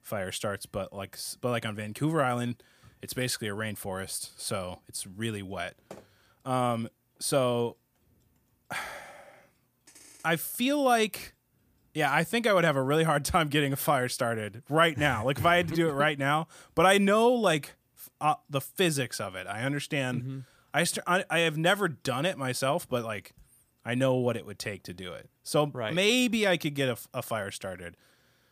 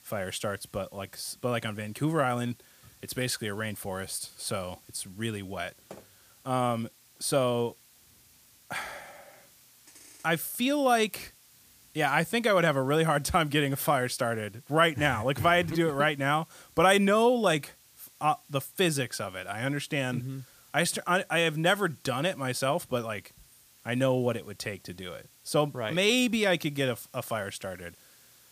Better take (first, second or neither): first